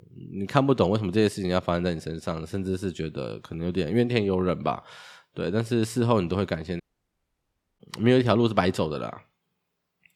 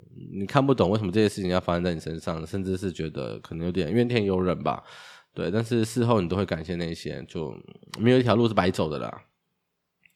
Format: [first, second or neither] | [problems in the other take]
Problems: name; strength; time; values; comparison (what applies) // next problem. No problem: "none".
second | audio cutting out; at 7 s for 1 s